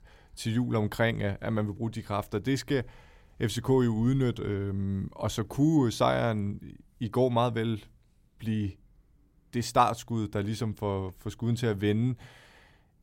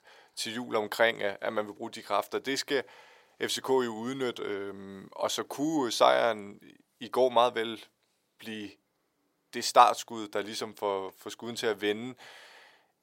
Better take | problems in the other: first | thin; very; fading below 550 Hz

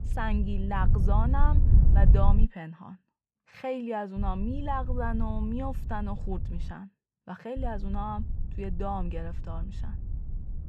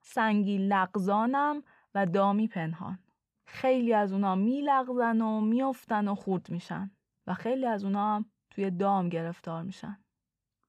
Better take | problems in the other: second | wind noise on the microphone; occasional gusts; until 2.5 s, from 4 to 6.5 s and from 7.5 s on; 10 dB below the speech

